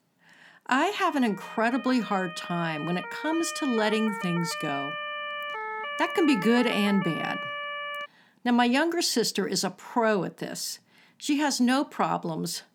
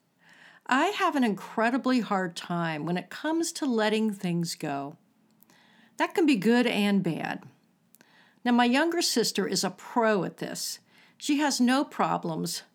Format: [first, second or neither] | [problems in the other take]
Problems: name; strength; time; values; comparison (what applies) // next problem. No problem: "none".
second | siren; noticeable; from 0.5 to 8 s; peak 5 dB below the speech